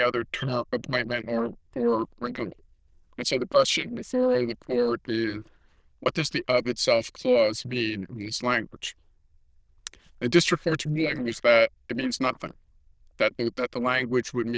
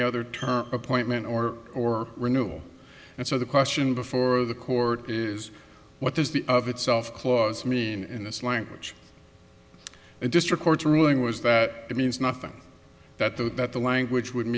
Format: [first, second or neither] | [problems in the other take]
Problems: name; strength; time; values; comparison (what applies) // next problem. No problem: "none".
second | noise reduction (neural diffusion model UNIVERSE++)